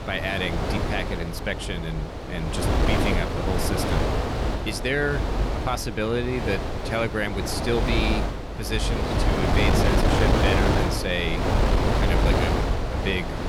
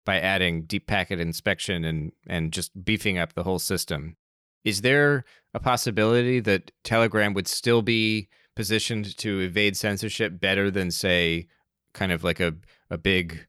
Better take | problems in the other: second | wind noise on the microphone; heavy; 1 dB above the speech

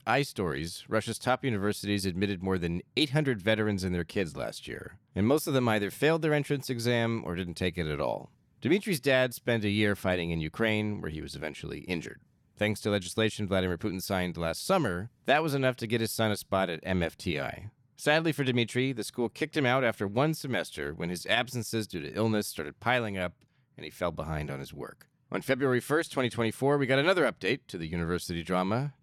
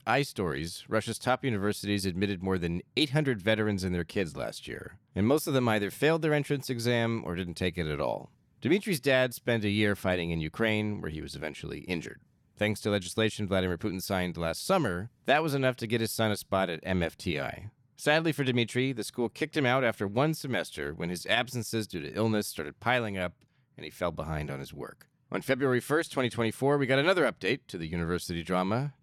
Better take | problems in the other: neither | none

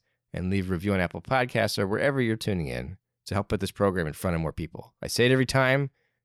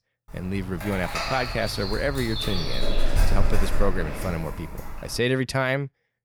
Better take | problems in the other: first | dog barking; loud; from 1 to 5 s; peak 3 dB above the speech

